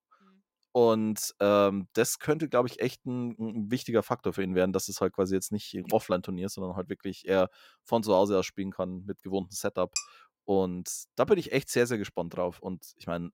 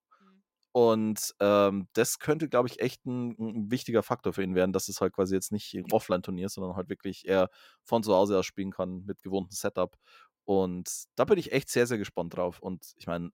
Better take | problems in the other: second | clattering dishes; noticeable; at 10 s; peak 5 dB below the speech

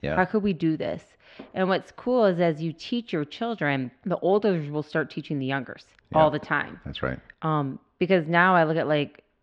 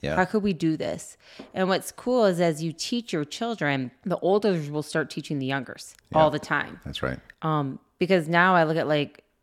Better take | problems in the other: second | muffled; slightly; fading above 3.5 kHz

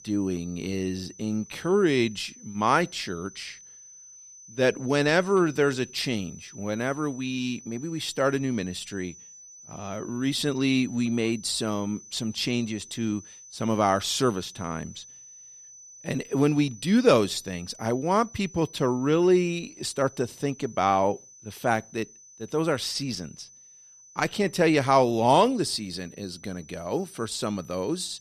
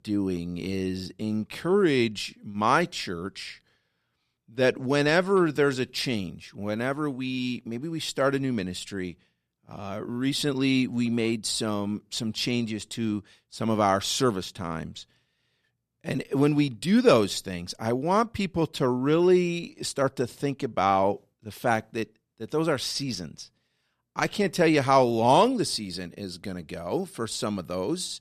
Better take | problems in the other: second | high-pitched whine; noticeable; throughout; 6 kHz, 20 dB below the speech

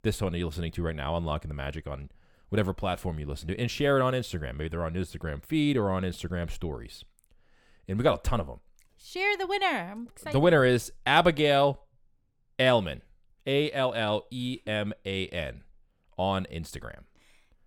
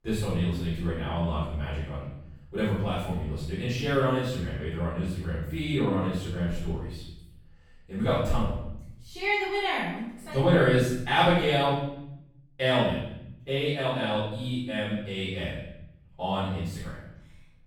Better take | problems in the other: first | off-mic speech; far // room echo; strong; dies away in 0.8 s

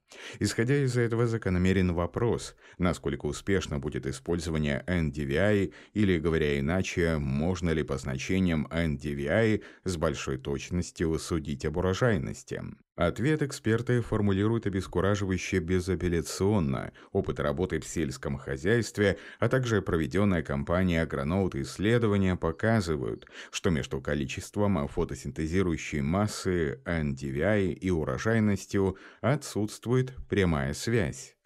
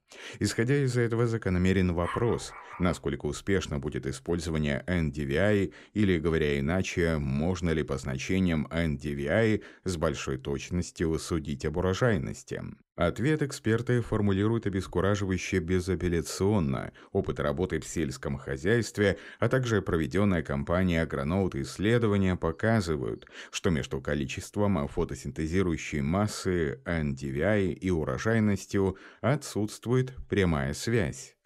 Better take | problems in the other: first | dog barking; noticeable; at 2 s; peak 9 dB below the speech

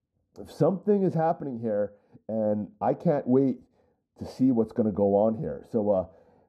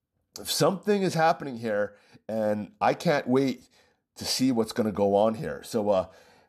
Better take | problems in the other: second | muffled; very; fading above 1.5 kHz

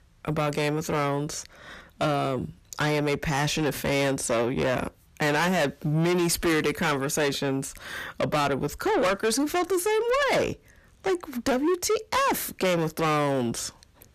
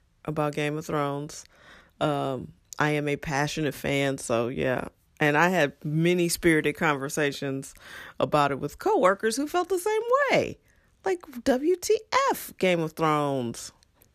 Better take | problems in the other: second | distortion; heavy; 6 dB below the speech

